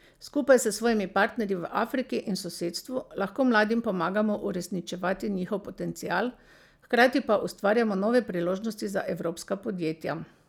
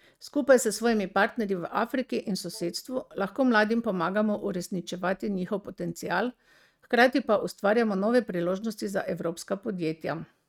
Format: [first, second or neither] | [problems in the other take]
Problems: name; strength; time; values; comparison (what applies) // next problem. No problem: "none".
first | noise reduction (neural mask model RNNoise)